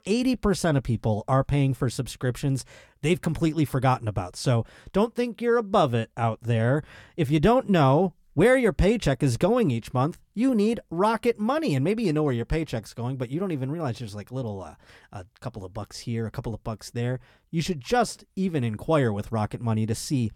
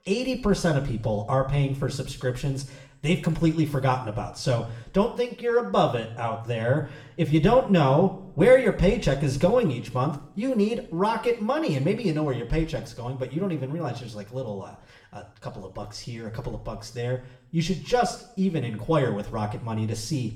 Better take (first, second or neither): first